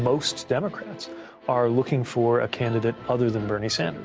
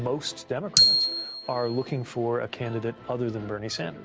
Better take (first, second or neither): first